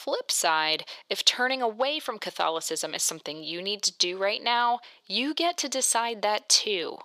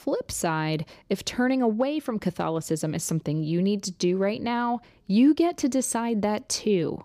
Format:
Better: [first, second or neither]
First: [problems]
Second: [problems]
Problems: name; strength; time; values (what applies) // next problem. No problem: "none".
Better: second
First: thin; very; fading below 750 Hz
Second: none